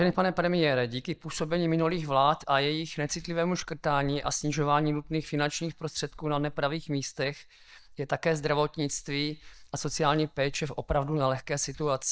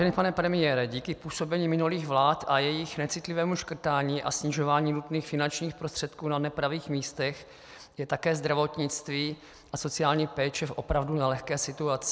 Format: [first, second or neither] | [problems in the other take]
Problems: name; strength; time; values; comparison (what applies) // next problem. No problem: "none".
second | noise reduction (neural mask model DeepFilterNet 3)